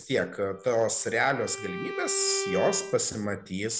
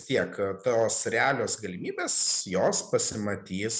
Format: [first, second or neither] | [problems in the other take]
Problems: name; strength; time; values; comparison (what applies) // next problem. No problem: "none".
second | background sound (Bowed string instrument); 9 dB below the speech